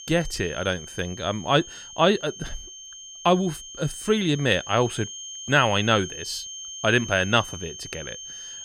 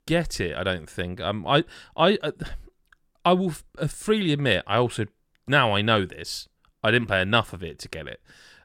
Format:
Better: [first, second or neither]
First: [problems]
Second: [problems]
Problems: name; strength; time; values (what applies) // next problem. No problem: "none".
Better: second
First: high-pitched whine; noticeable; throughout; 6.5 kHz, 15 dB below the speech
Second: none